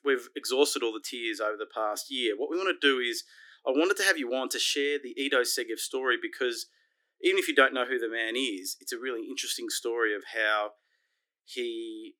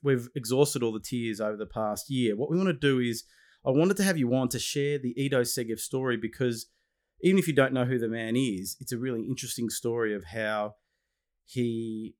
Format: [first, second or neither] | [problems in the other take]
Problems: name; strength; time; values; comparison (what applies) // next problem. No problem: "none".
second | thin; somewhat; fading below 300 Hz